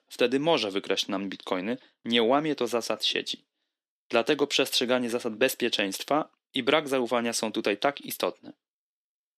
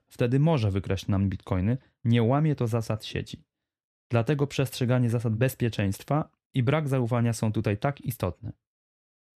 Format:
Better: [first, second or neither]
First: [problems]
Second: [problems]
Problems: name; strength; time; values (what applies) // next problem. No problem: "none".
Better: second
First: thin; somewhat; fading below 300 Hz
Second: none